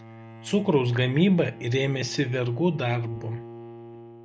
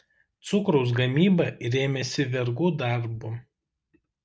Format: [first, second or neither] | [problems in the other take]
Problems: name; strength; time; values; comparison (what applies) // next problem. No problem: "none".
second | background sound (Bowed string instrument); 17 dB below the speech